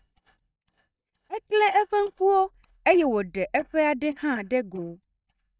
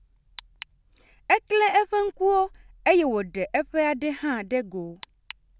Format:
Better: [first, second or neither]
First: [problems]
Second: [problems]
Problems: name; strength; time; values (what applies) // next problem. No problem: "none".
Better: second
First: noise reduction (neural mask model DeepFilterNet 3)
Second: none